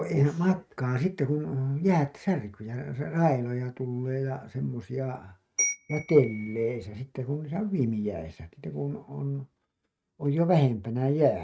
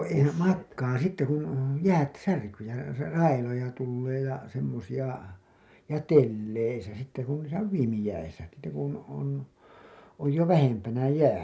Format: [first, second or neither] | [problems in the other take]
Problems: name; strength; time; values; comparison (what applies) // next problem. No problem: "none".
second | noise reduction (neural mask model RNNoise)